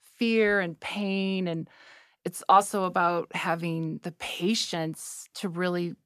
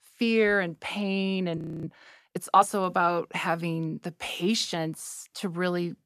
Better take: first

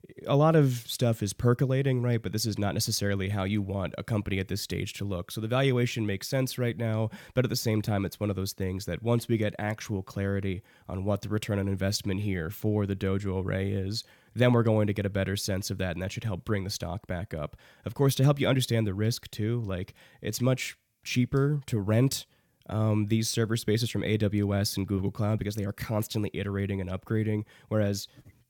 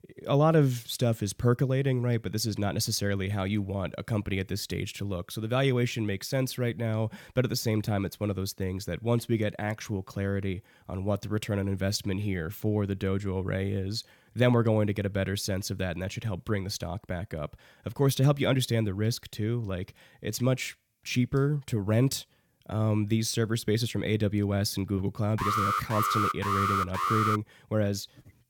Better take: first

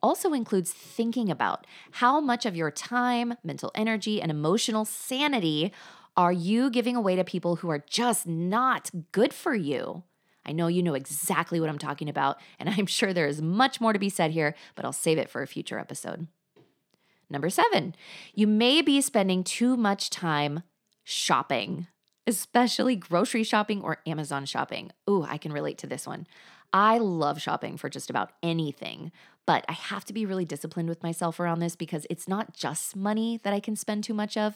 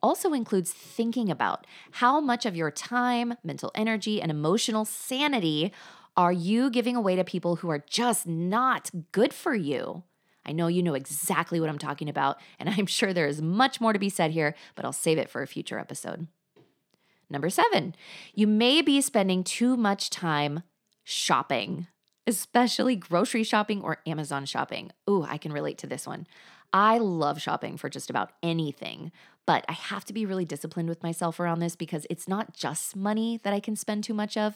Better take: neither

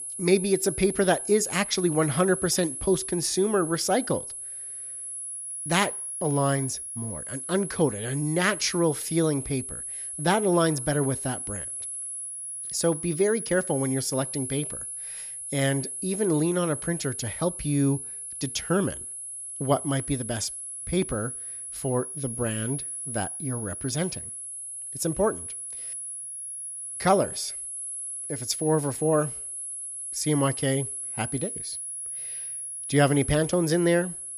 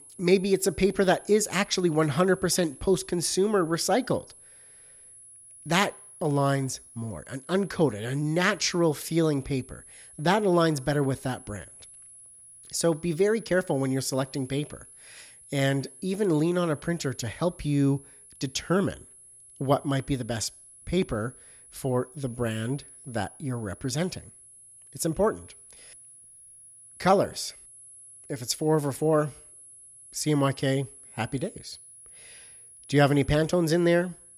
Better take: second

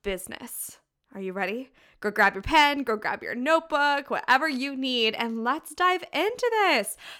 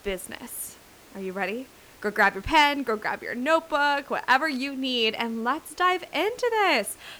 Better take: first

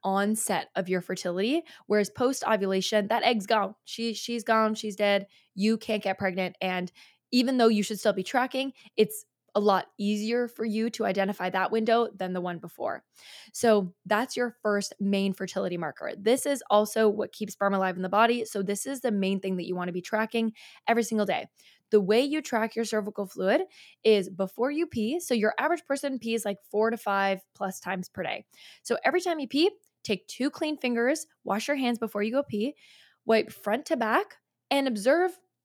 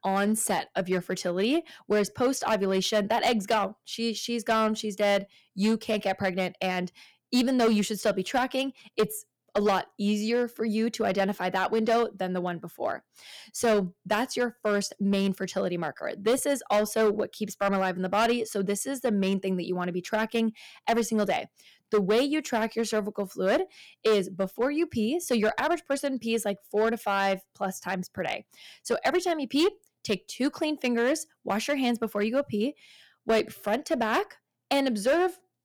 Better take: first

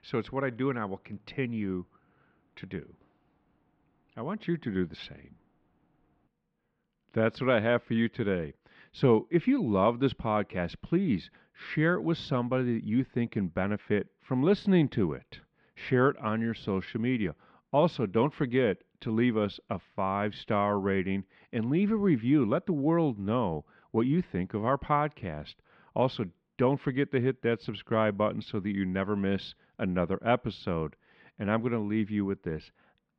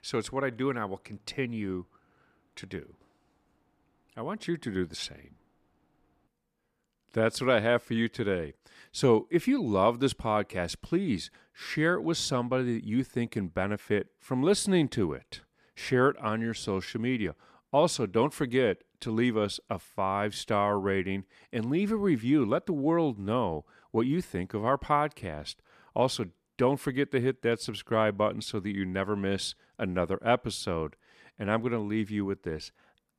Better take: second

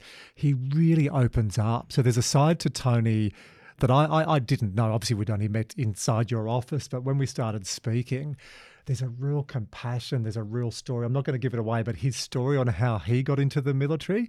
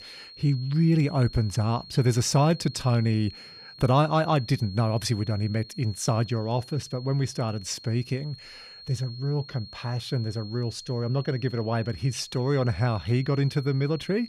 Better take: first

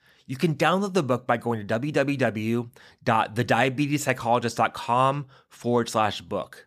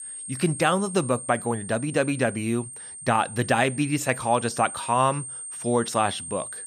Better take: first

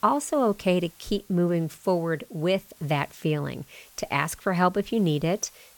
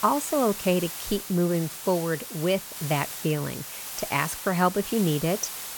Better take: first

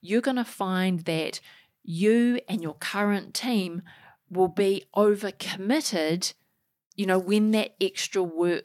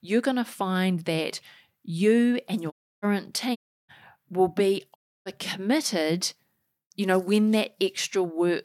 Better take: first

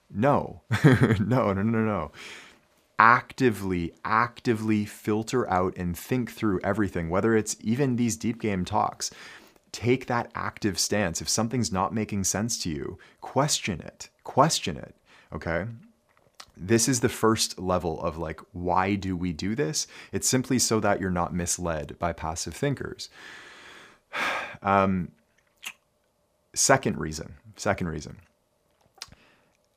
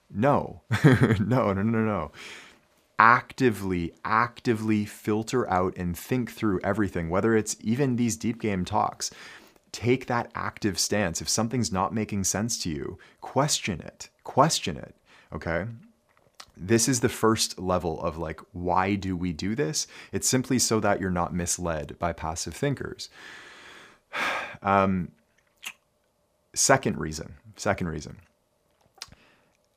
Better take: neither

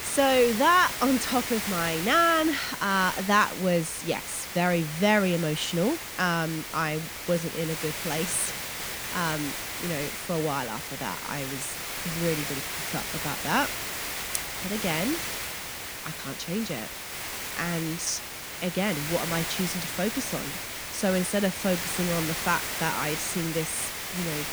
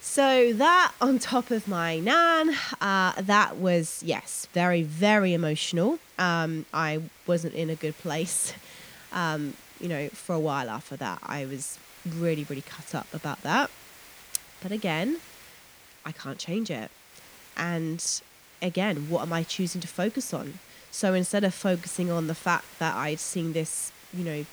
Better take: second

